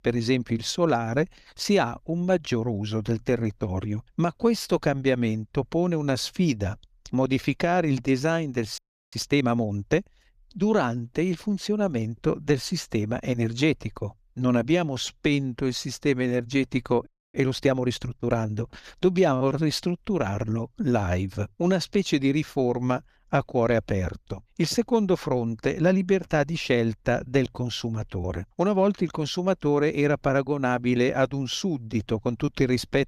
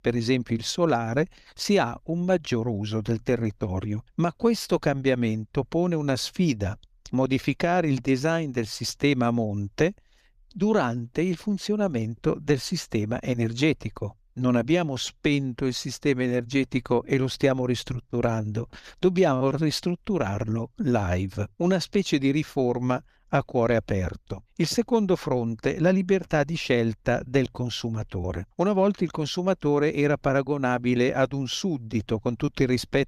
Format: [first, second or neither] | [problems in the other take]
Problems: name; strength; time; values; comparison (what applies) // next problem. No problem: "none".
second | audio freezing; at 9 s and at 17 s